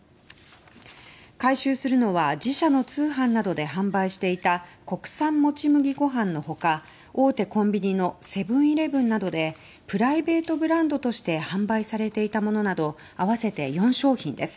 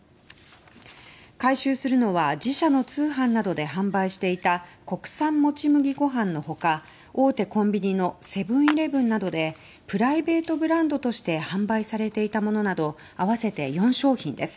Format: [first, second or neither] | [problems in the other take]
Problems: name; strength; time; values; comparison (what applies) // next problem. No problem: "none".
first | background sound (Clapping); 13 dB below the speech